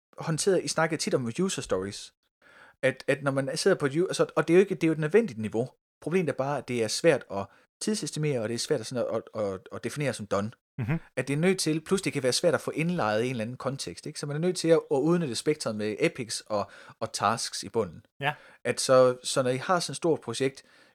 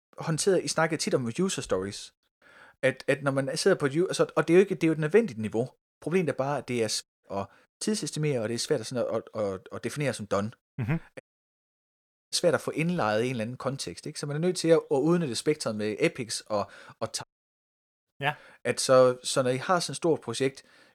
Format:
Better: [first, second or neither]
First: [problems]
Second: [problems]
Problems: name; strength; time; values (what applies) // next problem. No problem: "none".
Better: first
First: none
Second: audio cutting out; at 7 s, at 11 s for 1 s and at 17 s for 1 s